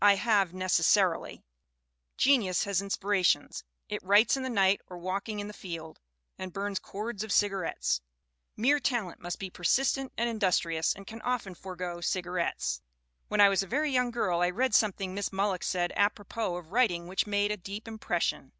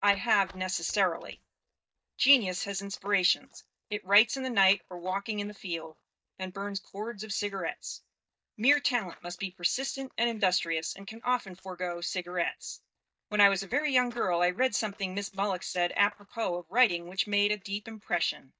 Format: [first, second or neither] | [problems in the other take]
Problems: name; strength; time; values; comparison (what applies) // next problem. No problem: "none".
first | noise reduction (neural mask model DeepFilterNet 3)